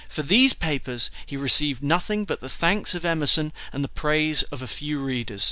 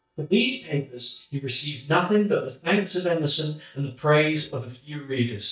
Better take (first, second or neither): first